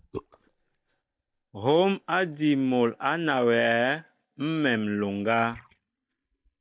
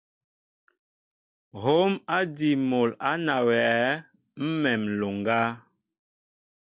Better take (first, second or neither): second